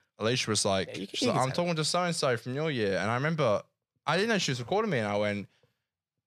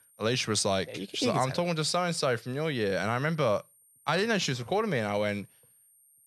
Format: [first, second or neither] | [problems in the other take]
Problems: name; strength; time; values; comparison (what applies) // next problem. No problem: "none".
first | high-pitched whine; faint; throughout; 9 kHz, 30 dB below the speech